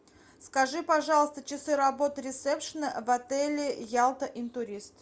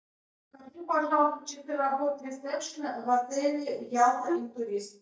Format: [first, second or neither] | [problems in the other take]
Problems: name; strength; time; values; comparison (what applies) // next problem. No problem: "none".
first | noise reduction (neural mask model DeepFilterNet 3)